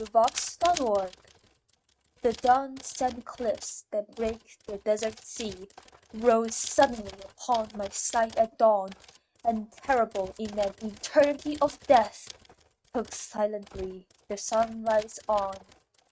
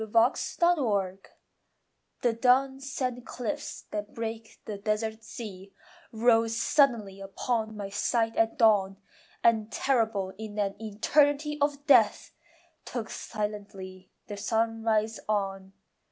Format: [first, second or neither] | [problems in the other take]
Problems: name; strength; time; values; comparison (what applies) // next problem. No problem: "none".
second | noise reduction (neural mask model RNNoise)